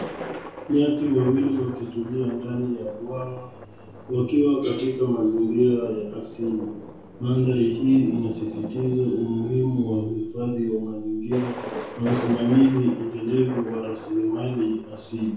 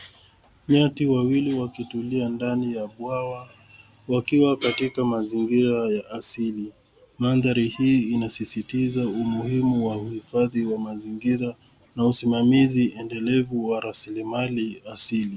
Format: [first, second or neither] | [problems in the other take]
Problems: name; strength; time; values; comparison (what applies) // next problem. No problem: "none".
second | background sound (Thunder); 14 dB below the speech // room echo; dies away in 0.6 s